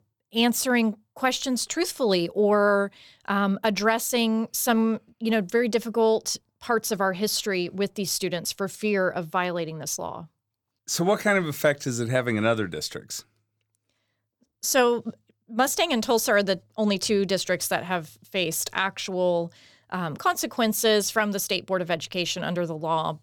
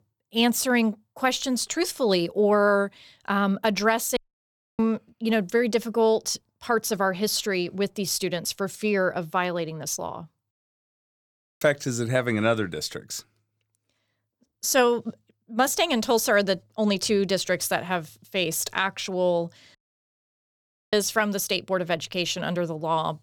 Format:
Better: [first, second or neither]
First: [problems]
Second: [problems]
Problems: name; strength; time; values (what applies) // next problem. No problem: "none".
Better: first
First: none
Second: audio cutting out; at 4 s for 0.5 s, at 11 s for 1 s and at 20 s for 1 s